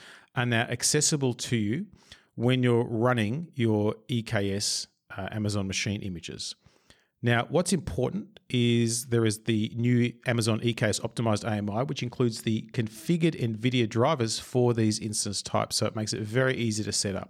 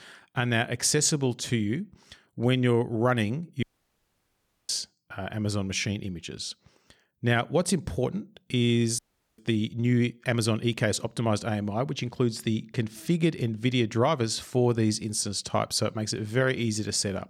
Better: first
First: none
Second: audio cutting out; at 3.5 s for 1 s and at 9 s

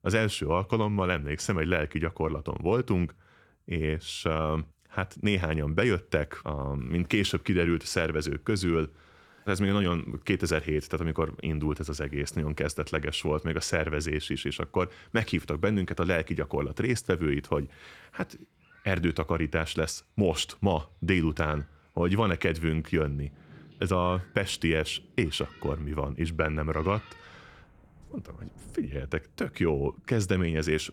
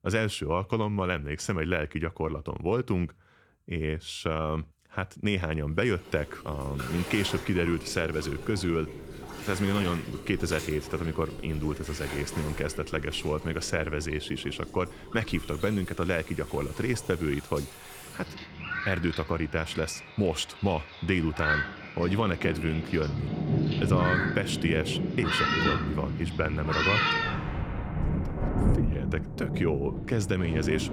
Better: first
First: rain or running water; faint; from 6 s on; 30 dB below the speech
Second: rain or running water; loud; from 6 s on; 2 dB below the speech

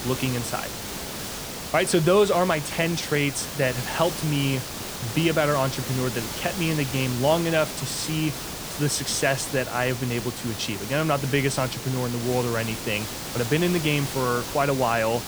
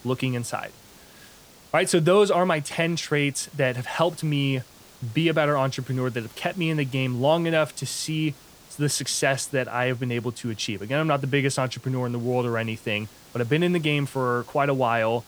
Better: second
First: hiss; loud; throughout; 7 dB below the speech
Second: hiss; faint; throughout; 25 dB below the speech

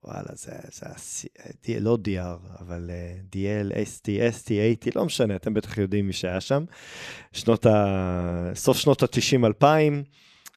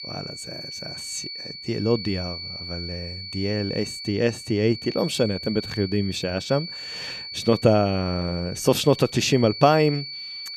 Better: first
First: none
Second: high-pitched whine; loud; throughout; 4.5 kHz, 10 dB below the speech

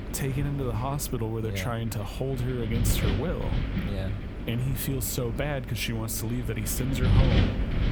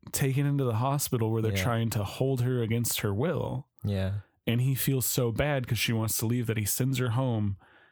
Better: second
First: wind noise on the microphone; heavy; 4 dB below the speech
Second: none

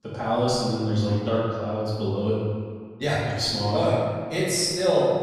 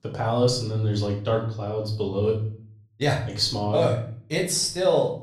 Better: second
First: room echo; strong; dies away in 1.7 s // off-mic speech; far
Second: room echo; slight; dies away in 0.5 s // off-mic speech; far

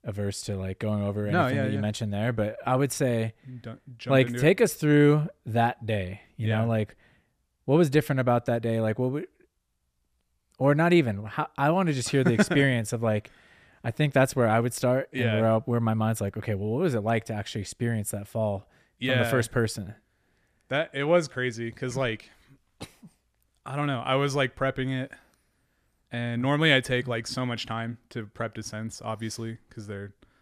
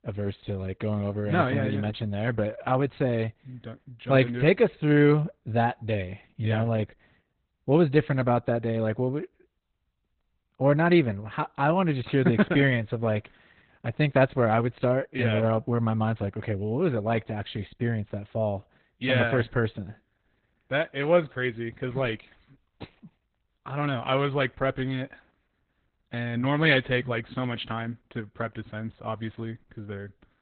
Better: first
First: none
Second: garbled, watery; badly; nothing above 4 kHz

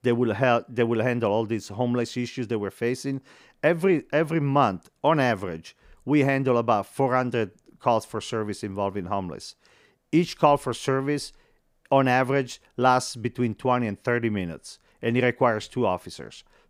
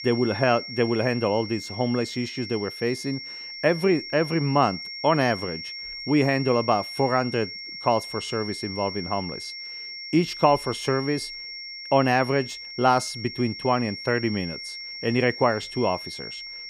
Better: first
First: none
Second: high-pitched whine; loud; throughout; 5.5 kHz, 9 dB below the speech

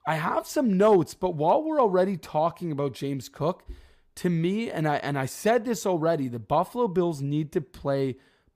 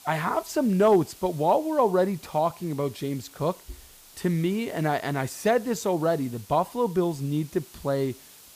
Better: first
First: none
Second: hiss; faint; throughout; 20 dB below the speech

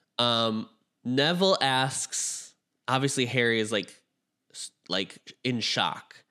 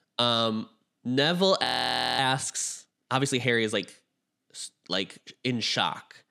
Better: first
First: none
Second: audio freezing; at 1.5 s for 0.5 s

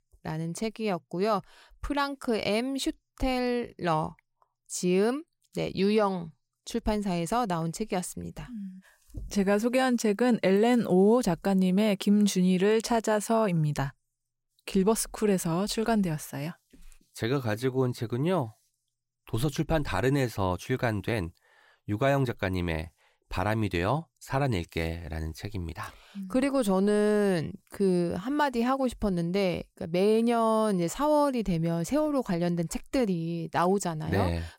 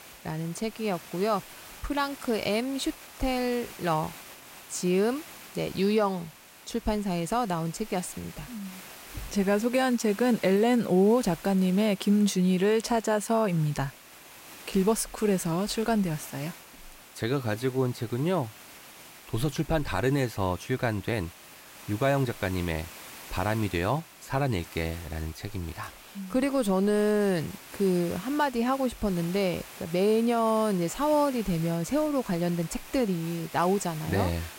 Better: first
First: none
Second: hiss; noticeable; throughout; 15 dB below the speech

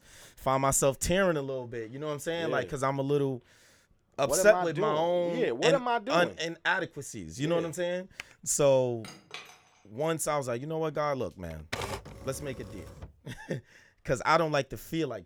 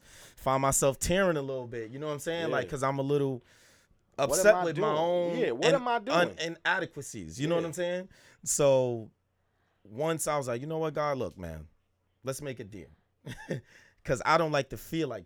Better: second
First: keyboard typing; very faint; at 8 s; peak 15 dB below the speech // clattering dishes; faint; at 9 s; peak 15 dB below the speech // keyboard typing; noticeable; from 12 to 13 s; peak 7 dB below the speech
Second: none

